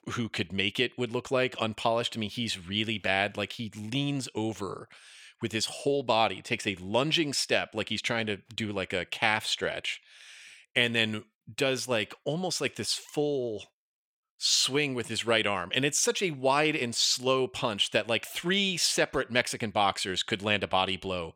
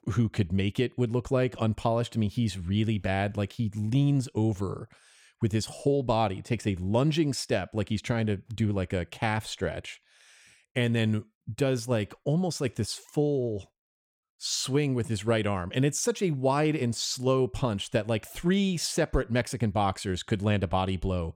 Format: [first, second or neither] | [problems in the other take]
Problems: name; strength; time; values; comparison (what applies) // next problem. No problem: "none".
second | thin; somewhat; fading below 550 Hz